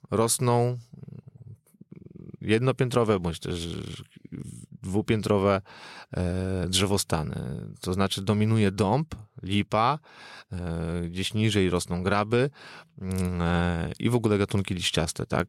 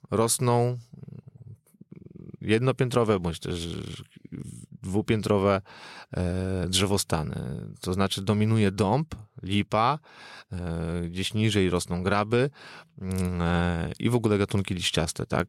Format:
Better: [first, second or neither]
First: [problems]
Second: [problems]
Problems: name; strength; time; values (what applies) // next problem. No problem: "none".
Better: neither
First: none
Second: none